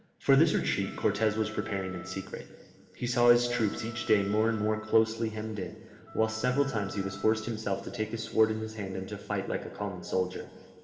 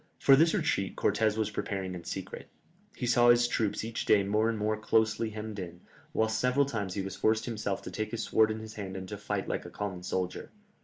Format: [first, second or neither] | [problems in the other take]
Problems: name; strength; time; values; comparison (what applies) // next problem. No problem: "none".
second | background sound (Wind instrument, woodwind instrument); 19 dB below the speech // room echo; dies away in 2.1 s